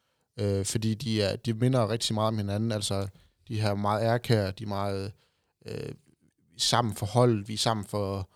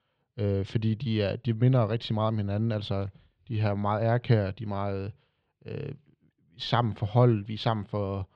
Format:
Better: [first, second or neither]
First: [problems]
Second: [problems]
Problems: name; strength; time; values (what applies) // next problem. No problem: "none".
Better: first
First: none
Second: muffled; slightly; fading above 3 kHz